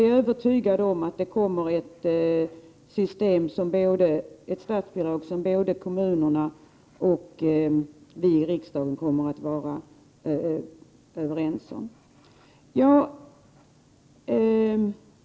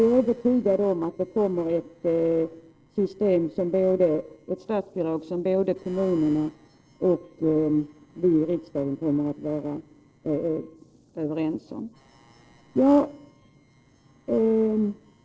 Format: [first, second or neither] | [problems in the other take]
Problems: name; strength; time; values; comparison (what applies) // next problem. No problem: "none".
first | noise reduction (neural separator model SepFormer DNS4)